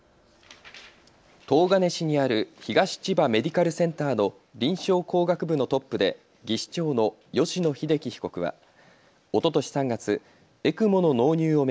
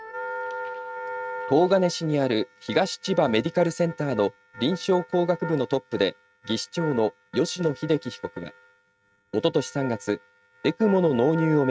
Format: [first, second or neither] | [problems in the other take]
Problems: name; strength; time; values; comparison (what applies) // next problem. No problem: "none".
first | noise reduction (neural mask model RNNoise)